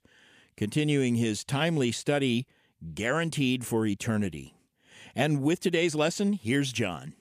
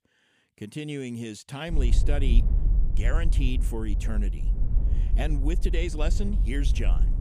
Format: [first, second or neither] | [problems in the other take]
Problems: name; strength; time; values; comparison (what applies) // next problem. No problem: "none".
first | low rumble; loud; from 1.5 s on; 10 dB below the speech